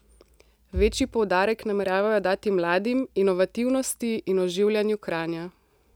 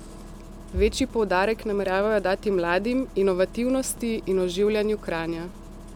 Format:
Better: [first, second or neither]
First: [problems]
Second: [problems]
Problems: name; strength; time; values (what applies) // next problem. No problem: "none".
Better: first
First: none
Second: background sound (Engine starting); 16 dB below the speech